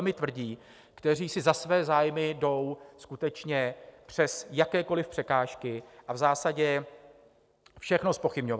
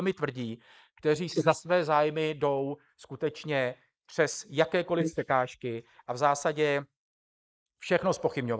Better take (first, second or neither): first